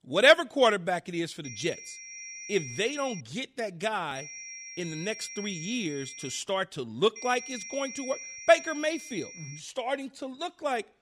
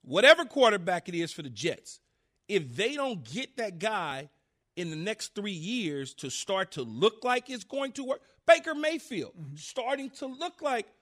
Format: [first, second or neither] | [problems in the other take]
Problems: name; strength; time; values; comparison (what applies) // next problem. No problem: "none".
second | high-pitched whine; noticeable; from 1.5 to 3 s, from 4 to 6.5 s and from 7 to 9.5 s; 5.5 kHz, 10 dB below the speech